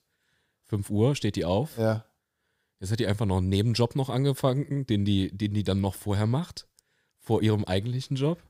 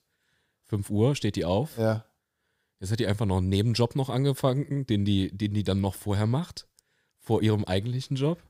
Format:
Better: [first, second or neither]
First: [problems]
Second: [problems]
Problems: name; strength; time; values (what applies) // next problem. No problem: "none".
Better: neither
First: none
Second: none